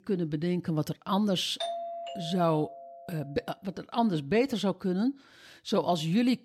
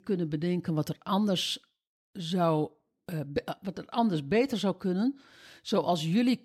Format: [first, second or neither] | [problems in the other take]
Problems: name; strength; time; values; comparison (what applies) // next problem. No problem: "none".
second | doorbell; noticeable; from 1.5 to 3 s; peak 5 dB below the speech